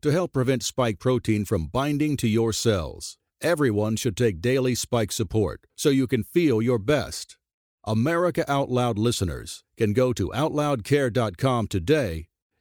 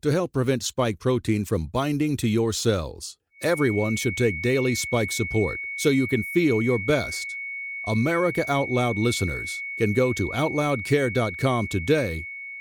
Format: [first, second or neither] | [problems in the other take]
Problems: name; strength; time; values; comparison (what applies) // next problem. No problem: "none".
first | high-pitched whine; loud; from 3.5 s on; 2 kHz, 7 dB below the speech